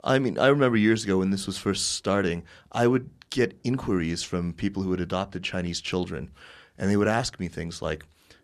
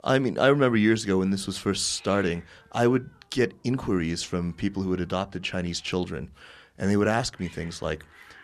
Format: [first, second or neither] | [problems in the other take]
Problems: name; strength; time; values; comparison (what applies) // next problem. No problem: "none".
first | hiss; faint; throughout; 25 dB below the speech